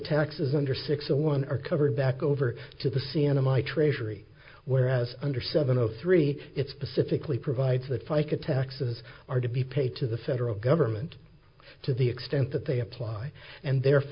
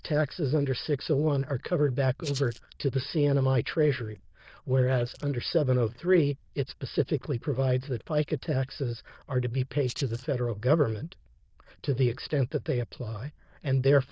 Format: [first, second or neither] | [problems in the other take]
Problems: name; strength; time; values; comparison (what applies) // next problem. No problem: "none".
first | noise reduction (neural diffusion model UNIVERSE++)